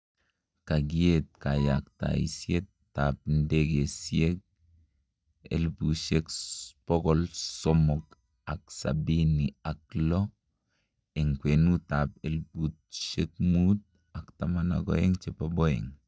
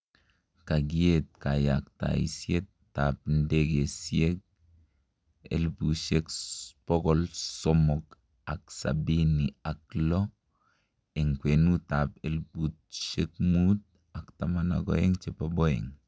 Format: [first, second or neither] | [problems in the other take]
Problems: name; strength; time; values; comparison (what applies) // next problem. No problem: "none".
second | noise reduction (neural mask model DeepFilterNet 3)